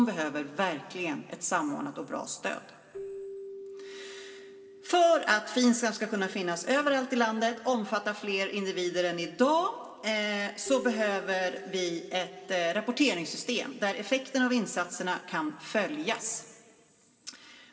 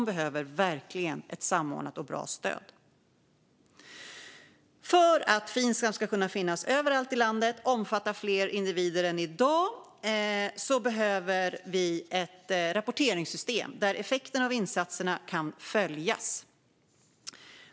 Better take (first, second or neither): second